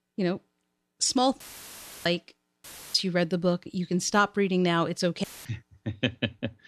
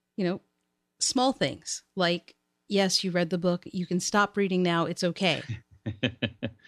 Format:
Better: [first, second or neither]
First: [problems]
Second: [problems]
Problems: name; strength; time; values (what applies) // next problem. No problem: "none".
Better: second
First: audio cutting out; filled with static; at 1.5 s for 0.5 s, at 2.5 s and at 5 s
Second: none